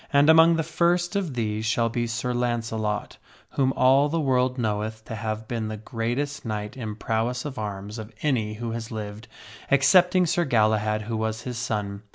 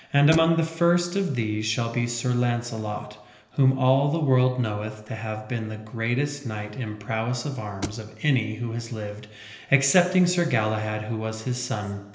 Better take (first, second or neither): first